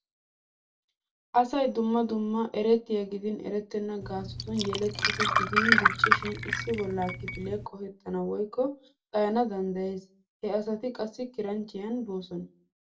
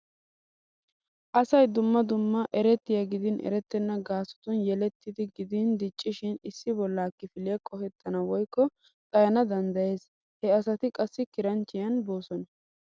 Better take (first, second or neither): second